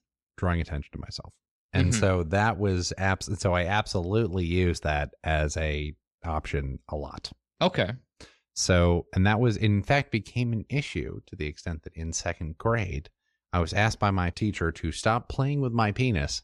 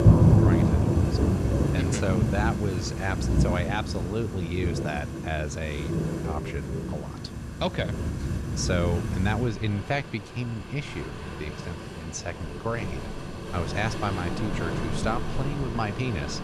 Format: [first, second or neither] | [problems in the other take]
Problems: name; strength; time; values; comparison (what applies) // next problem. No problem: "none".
first | rain or running water; very loud; throughout; 3 dB above the speech